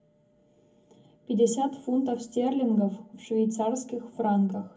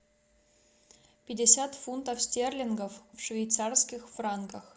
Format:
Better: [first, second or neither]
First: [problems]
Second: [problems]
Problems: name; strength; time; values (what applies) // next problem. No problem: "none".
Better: second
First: room echo; dies away in 0.3 s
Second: none